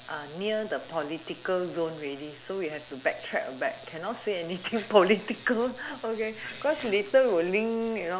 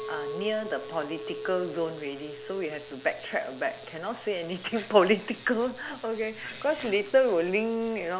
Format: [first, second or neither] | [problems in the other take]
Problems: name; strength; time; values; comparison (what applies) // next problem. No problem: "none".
first | background sound (Chink, clink); 14 dB below the speech